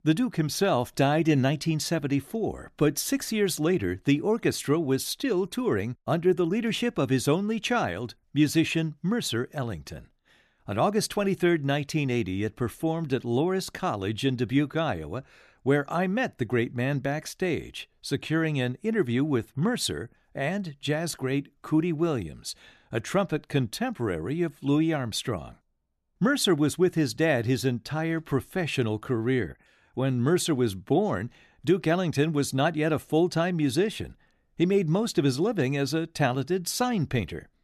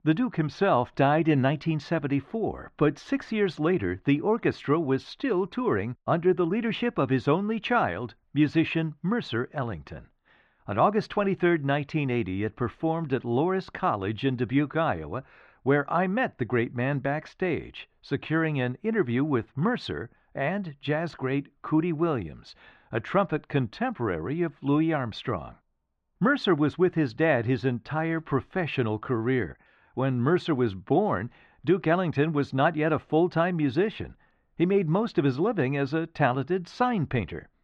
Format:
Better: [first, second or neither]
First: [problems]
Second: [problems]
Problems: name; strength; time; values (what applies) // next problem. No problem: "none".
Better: first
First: none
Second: muffled; very; fading above 3 kHz